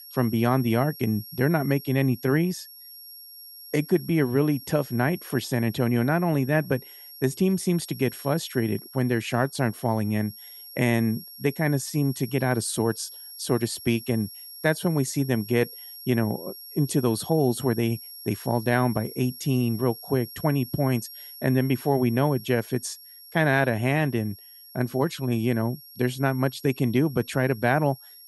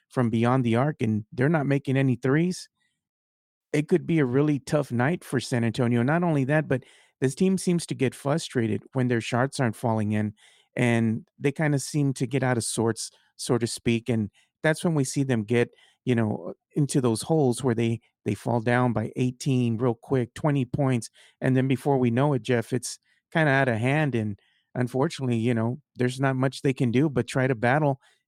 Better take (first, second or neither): second